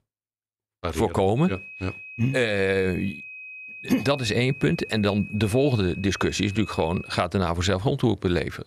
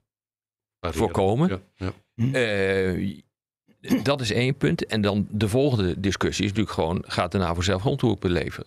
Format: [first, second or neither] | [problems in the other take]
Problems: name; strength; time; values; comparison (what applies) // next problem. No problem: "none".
second | high-pitched whine; noticeable; from 1.5 to 7 s; 2.5 kHz, 15 dB below the speech